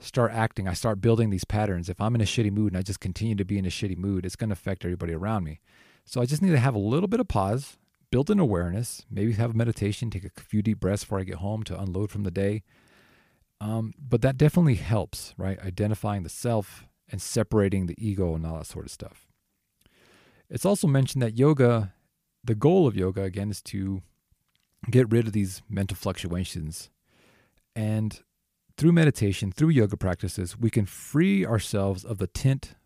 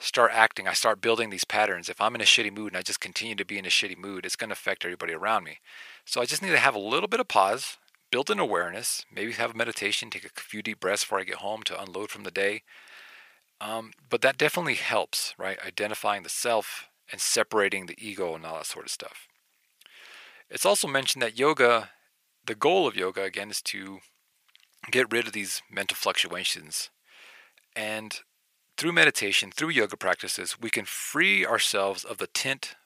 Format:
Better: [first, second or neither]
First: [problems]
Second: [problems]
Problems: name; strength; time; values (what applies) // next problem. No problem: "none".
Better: first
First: none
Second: thin; very; fading below 650 Hz